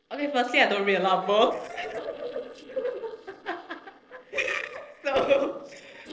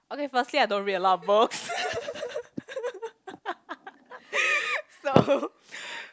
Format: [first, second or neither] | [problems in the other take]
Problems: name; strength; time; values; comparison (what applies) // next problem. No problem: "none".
second | noise reduction (neural separator model SepFormer DNS4)